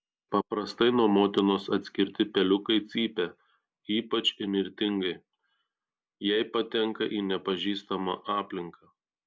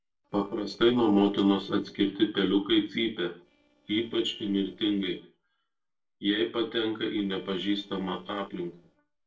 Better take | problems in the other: first | noise reduction (neural separator model SepFormer DNS4)

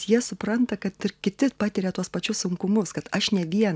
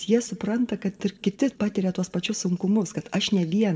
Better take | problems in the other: first | room echo; dies away in 1.1 s

